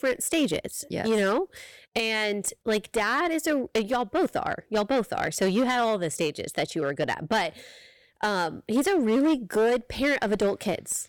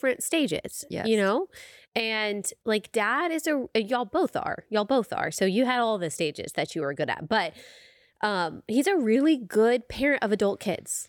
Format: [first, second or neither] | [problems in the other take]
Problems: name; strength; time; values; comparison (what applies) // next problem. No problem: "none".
second | distortion; slight; 10% of the sound clipped